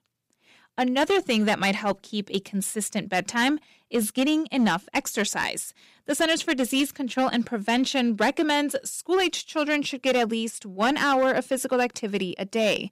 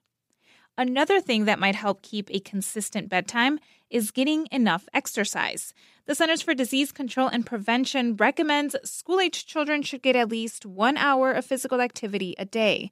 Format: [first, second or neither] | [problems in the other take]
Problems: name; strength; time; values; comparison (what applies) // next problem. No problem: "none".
second | distortion; slight; 5% of the sound clipped